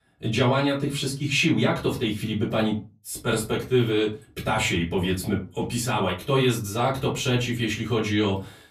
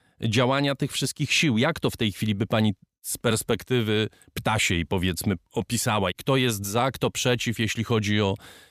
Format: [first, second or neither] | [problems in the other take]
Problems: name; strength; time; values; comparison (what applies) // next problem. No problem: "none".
second | off-mic speech; far // room echo; very slight; dies away in 0.3 s